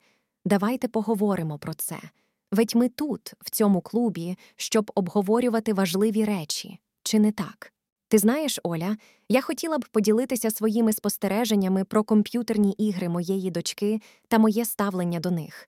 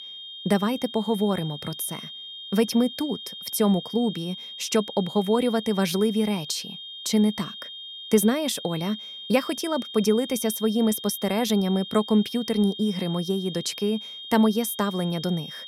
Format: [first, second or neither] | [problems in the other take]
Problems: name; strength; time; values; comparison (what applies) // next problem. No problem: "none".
first | high-pitched whine; noticeable; throughout; 3 kHz, 10 dB below the speech